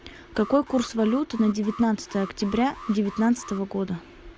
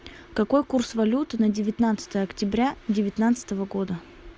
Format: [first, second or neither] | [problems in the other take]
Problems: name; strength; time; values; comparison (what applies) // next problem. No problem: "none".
second | background sound (Alarm); 17 dB below the speech